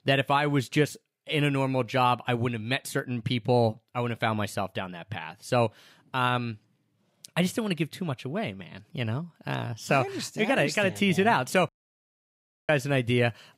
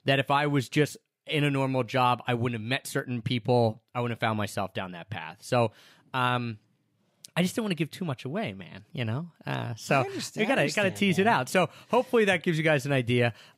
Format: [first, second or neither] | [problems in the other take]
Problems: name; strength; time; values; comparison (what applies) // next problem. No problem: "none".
second | audio cutting out; at 12 s for 1 s